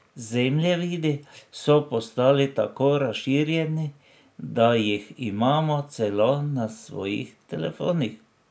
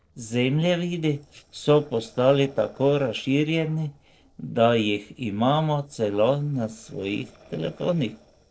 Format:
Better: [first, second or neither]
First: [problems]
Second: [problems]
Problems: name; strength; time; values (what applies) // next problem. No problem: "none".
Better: first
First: none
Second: noise reduction (neural separator model SepFormer DNS4)